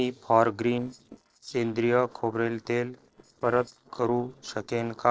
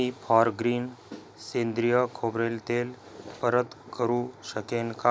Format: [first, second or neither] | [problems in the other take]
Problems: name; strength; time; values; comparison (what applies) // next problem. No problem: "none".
second | noise reduction (neural separator model SepFormer DNS4)